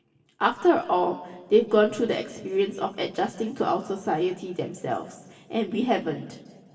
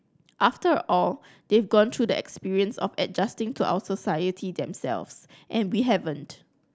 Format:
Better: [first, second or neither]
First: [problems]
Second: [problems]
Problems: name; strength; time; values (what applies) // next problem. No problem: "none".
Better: second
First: room echo; dies away in 1.6 s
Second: none